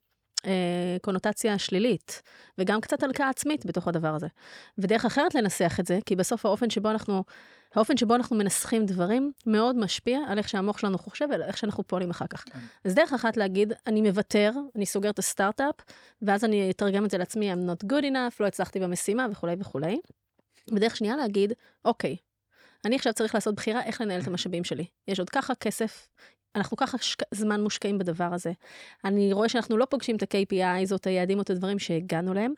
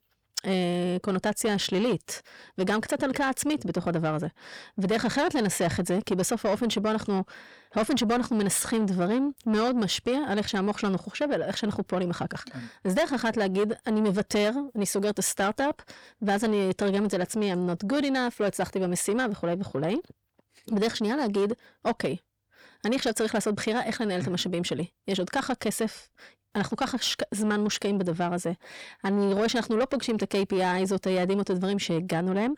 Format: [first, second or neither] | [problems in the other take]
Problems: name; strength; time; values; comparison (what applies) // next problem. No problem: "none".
first | distortion; slight; 10 dB below the speech